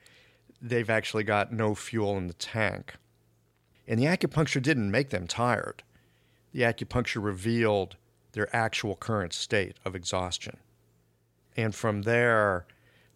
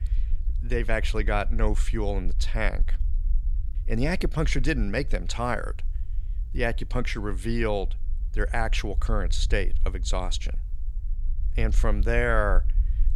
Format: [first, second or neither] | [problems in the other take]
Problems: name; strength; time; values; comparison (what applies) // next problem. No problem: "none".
first | low rumble; faint; throughout; 25 dB below the speech